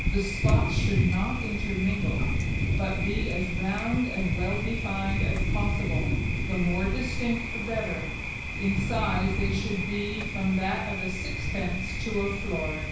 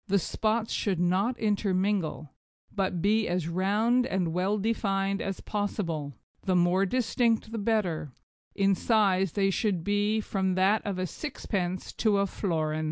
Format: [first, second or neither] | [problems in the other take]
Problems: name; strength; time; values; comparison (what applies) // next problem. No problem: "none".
second | background sound (Thunder); 3 dB above the speech // room echo; dies away in 0.7 s